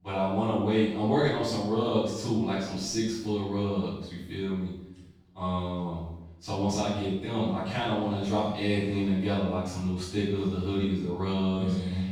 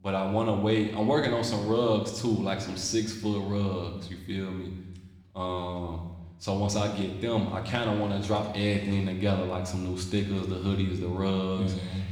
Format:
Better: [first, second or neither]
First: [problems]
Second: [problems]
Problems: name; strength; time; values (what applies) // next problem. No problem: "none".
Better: second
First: room echo; strong; dies away in 0.7 s // off-mic speech; far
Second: room echo; slight; dies away in 1 s // off-mic speech; somewhat distant